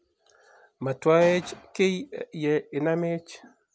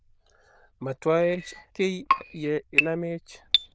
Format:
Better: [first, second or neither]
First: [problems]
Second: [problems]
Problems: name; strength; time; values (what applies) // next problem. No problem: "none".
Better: first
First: none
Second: noise reduction (neural diffusion model UNIVERSE++)